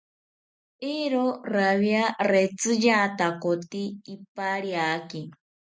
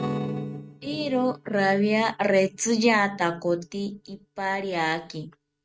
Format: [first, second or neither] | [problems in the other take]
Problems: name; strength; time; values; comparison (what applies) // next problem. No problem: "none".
first | noise reduction (neural mask model RNNoise)